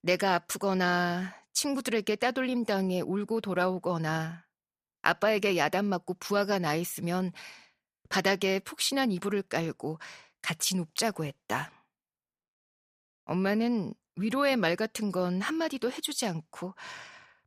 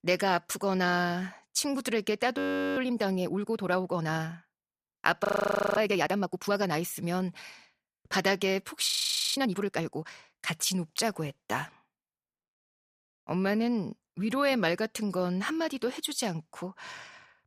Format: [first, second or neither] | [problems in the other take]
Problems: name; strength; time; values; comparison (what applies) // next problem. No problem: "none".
first | audio freezing; at 2.5 s, at 5.5 s for 0.5 s and at 9 s